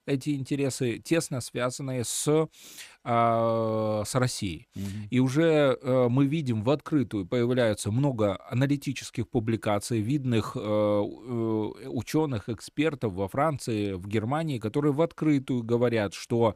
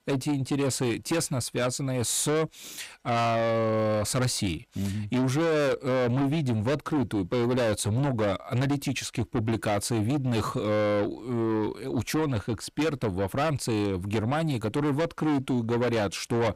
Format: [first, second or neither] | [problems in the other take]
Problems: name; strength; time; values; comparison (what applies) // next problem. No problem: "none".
first | distortion; heavy; 7 dB below the speech